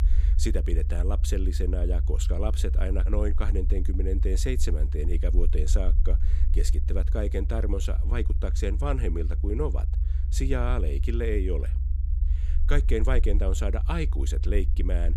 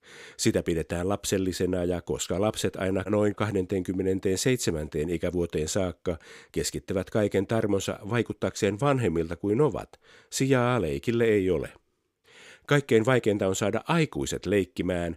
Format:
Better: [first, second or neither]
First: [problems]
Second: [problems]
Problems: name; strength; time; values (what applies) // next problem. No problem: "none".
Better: second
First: low rumble; noticeable; throughout; 10 dB below the speech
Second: none